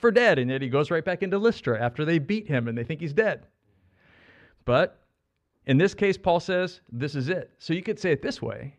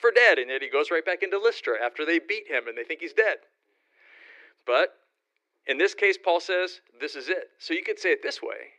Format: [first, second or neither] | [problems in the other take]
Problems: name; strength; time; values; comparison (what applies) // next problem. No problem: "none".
first | thin; very; fading below 300 Hz